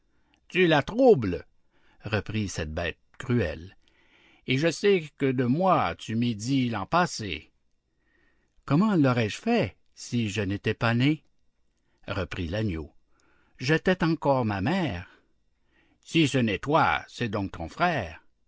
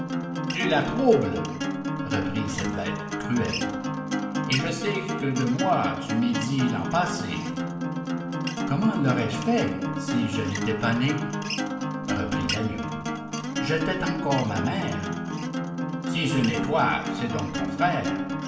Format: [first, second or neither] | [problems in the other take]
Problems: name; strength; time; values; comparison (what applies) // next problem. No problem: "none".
first | background sound (Acoustic guitar); 2 dB below the speech // room echo; dies away in 0.9 s